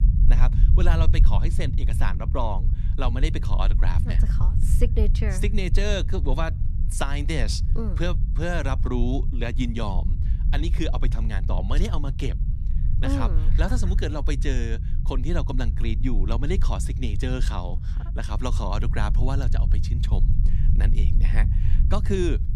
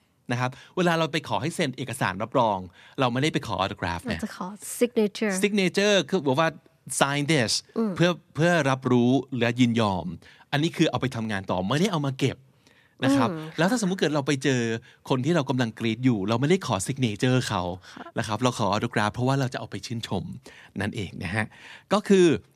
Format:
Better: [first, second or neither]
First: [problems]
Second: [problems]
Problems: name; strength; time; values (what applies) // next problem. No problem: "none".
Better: second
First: low rumble; loud; throughout; 10 dB below the speech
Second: none